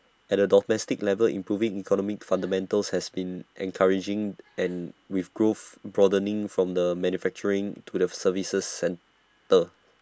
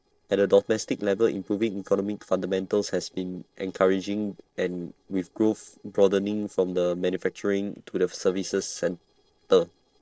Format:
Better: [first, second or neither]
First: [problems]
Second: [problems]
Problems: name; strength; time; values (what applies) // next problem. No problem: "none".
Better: first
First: none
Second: noise reduction (neural separator model SepFormer DNS4)